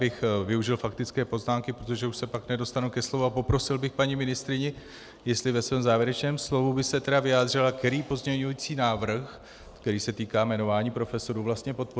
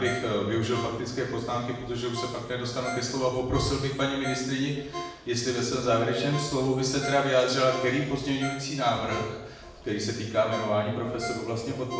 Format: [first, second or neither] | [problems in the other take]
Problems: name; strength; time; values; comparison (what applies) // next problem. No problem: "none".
first | background sound (Ringtone); 13 dB below the speech // room echo; dies away in 0.9 s